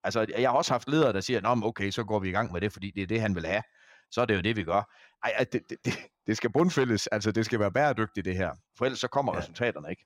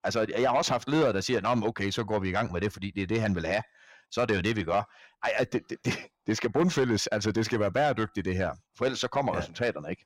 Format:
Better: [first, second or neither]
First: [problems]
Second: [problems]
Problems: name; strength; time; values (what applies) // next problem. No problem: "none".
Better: first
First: none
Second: distortion; slight; 10 dB below the speech